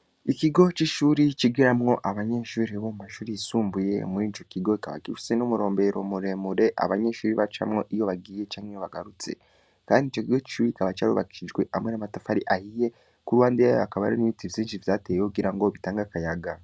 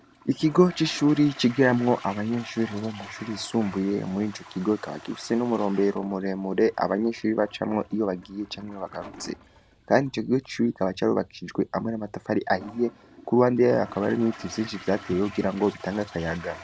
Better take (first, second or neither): first